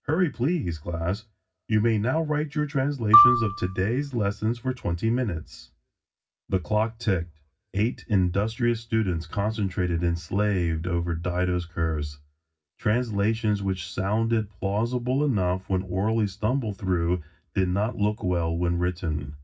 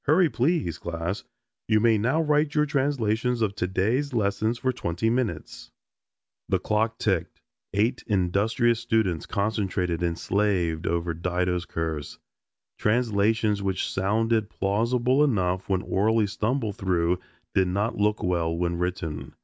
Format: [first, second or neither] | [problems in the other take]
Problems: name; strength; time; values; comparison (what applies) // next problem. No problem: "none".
second | background sound (Marimba, xylophone); 1 dB above the speech // room echo; dies away in 0.4 s